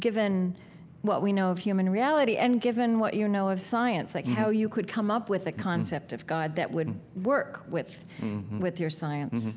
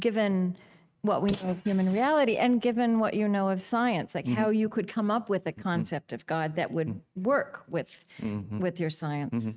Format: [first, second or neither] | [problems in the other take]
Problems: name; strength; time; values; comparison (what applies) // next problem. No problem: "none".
first | noise reduction (neural mask model RNNoise)